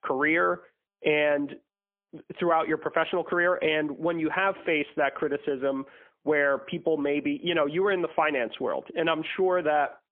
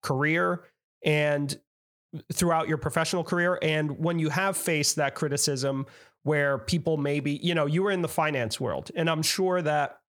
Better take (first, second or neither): second